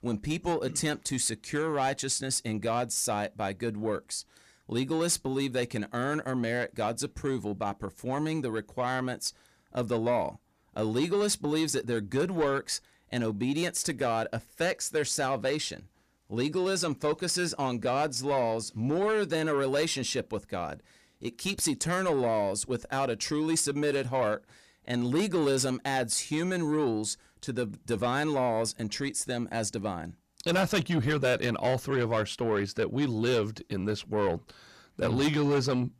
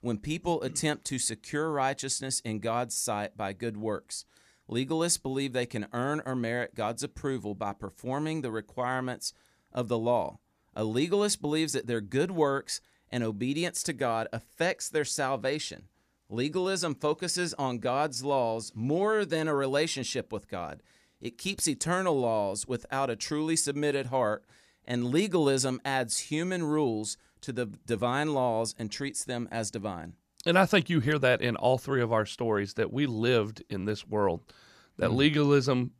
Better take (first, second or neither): second